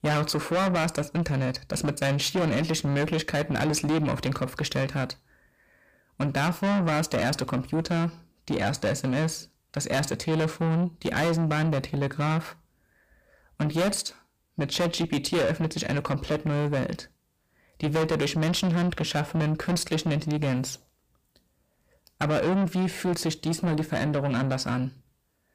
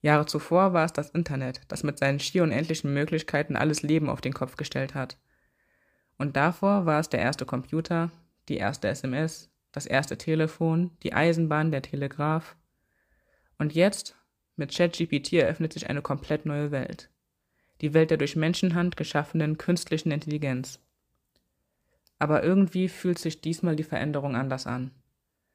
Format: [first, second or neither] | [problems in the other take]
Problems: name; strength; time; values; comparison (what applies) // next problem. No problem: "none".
second | distortion; heavy; 6 dB below the speech